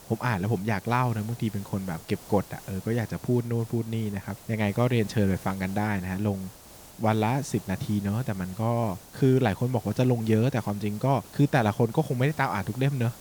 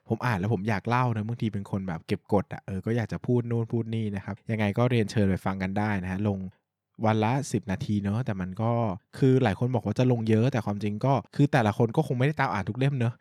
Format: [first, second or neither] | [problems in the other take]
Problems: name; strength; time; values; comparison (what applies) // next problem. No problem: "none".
second | hiss; noticeable; throughout; 20 dB below the speech